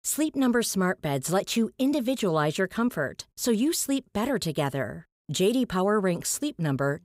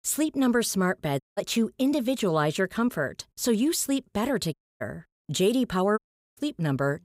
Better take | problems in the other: first | audio cutting out; at 1 s, at 4.5 s and at 6 s

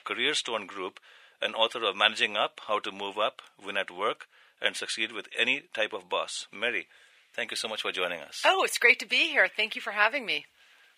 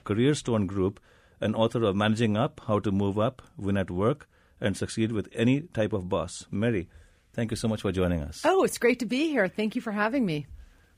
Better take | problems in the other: second | thin; very; fading below 750 Hz

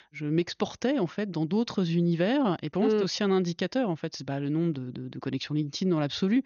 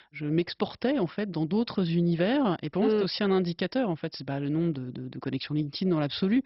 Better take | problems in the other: first | garbled, watery; badly; nothing above 5.5 kHz; slightly in the first

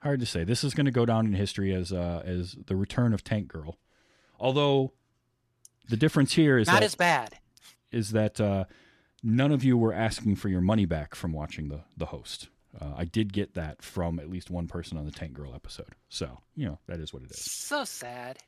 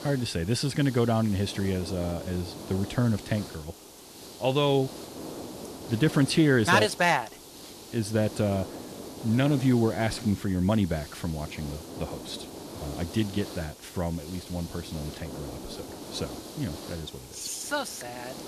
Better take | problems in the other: first | hiss; noticeable; throughout; 15 dB below the speech

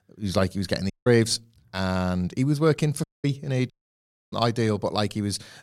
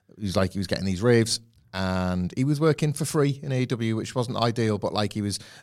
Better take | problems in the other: second | audio cutting out; at 1 s, at 3 s and at 3.5 s for 0.5 s

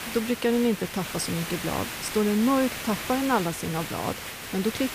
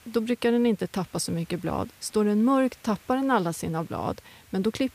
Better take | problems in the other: second | hiss; loud; throughout; 7 dB below the speech; faint in the second

